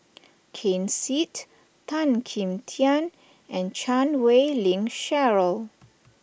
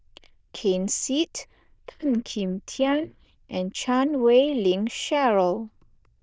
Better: first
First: none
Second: noise reduction (neural diffusion model UNIVERSE++)

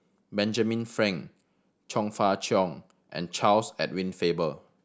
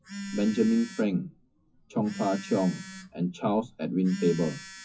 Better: first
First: none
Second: noise reduction (classical method WPE with log-MMSE)

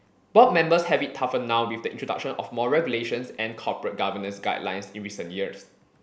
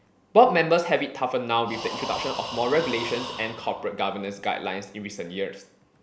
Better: first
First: none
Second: background sound (Breathing); 11 dB below the speech

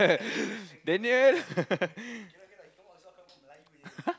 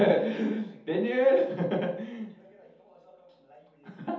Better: first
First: none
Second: room echo; dies away in 0.6 s

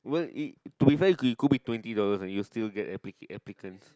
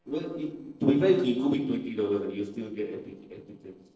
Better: first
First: none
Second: noise reduction (neural separator model SepFormer DNS4)

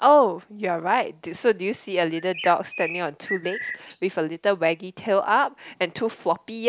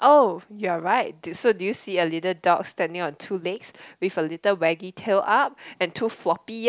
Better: second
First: background sound (Bird); 12 dB below the speech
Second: none

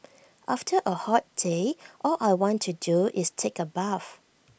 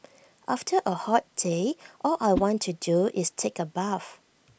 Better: first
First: none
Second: background sound (Whoosh, swoosh, swish); 12 dB below the speech

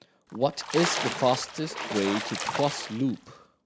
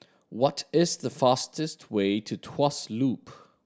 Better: second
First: background sound (Splash, splatter); 5 dB below the speech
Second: none

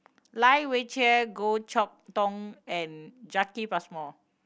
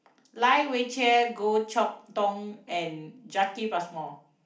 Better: first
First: none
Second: room echo; dies away in 0.4 s

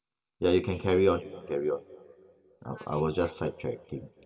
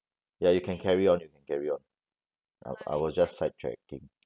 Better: second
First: room echo; dies away in 2.7 s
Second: none

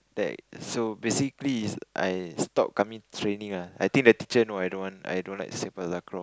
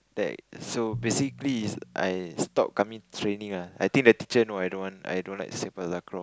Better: first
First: none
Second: background sound (Drum); 20 dB below the speech

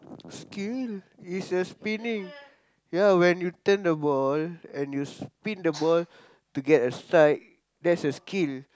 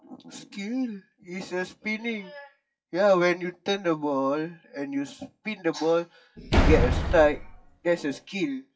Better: first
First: none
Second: noise reduction (classical method WPE with log-MMSE)

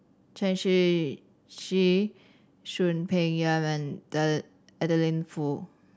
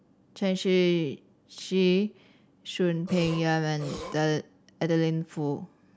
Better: first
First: none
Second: background sound (Burping, eructation); 12 dB below the speech

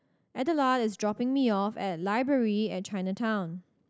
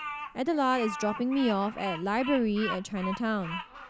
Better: first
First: none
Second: background sound (Bird vocalization, bird call, bird song); 10 dB below the speech

